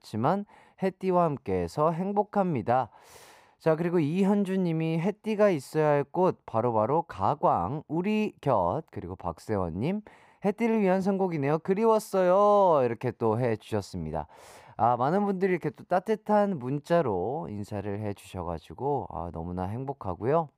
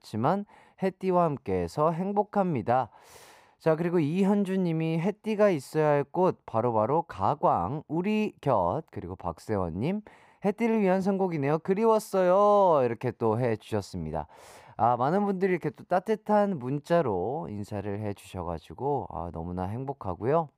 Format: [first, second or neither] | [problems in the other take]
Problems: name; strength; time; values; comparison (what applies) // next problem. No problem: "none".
neither | muffled; slightly; fading above 2.5 kHz; the same in both